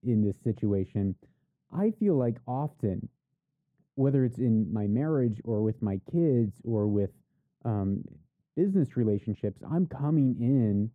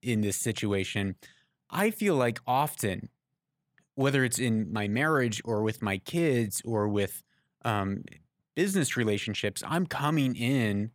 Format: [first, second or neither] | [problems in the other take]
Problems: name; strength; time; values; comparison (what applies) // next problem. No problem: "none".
second | muffled; very; fading above 1 kHz